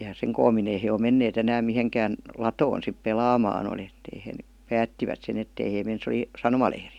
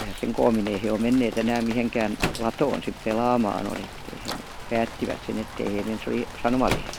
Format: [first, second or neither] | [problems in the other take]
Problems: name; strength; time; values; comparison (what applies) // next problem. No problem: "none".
first | background sound (Rain + Microwave oven); 9 dB below the speech